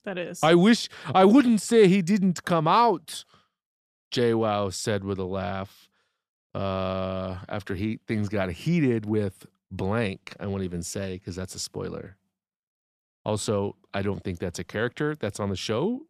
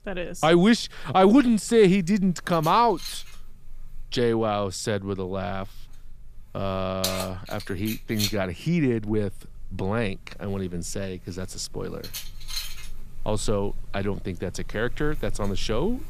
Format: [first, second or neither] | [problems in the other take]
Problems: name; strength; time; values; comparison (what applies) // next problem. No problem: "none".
first | household noises; noticeable; throughout; 10 dB below the speech